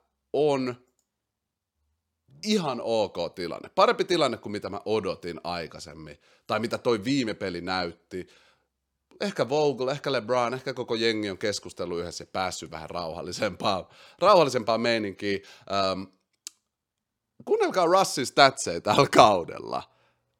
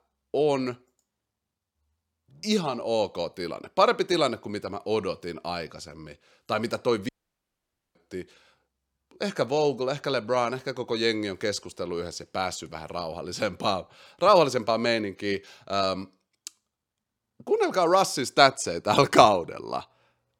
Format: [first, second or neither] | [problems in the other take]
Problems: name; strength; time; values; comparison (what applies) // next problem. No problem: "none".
first | audio cutting out; at 7 s for 1 s